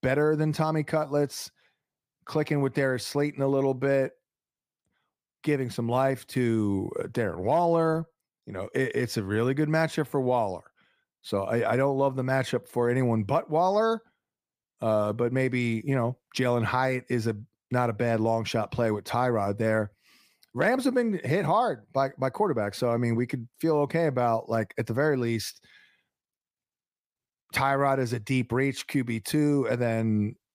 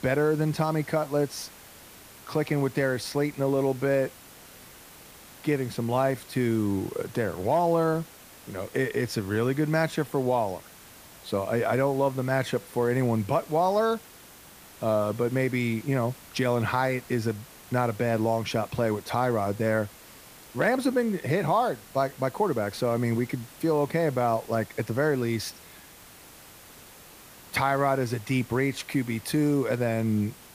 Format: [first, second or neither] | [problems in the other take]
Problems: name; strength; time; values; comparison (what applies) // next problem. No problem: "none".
first | hiss; noticeable; throughout; 20 dB below the speech